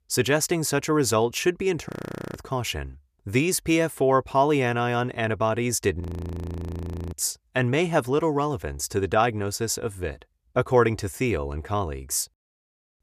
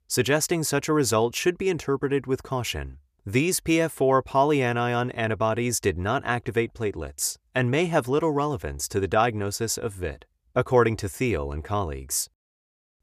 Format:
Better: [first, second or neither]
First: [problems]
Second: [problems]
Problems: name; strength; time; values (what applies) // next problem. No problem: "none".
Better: second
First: audio freezing; at 2 s and at 6 s for 1 s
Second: none